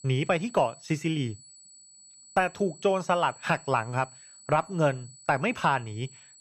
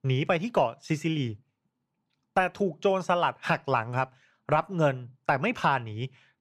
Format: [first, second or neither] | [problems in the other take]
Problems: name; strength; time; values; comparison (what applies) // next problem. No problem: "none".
second | high-pitched whine; faint; throughout; 8 kHz, 20 dB below the speech